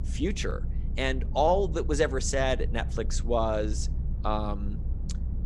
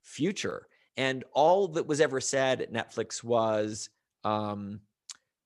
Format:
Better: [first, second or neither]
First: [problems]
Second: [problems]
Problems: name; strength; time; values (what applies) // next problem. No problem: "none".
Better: second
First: low rumble; faint; throughout; 20 dB below the speech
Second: none